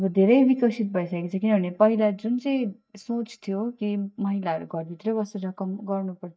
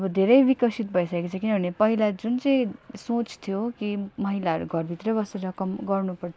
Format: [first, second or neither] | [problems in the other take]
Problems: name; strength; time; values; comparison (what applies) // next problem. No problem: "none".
second | noise reduction (neural mask model DeepFilterNet 3)